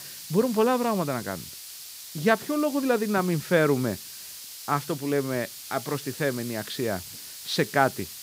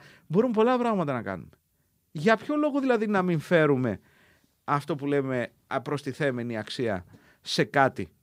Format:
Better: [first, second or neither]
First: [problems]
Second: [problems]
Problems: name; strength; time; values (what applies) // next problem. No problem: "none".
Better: second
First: hiss; noticeable; throughout; 10 dB below the speech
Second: none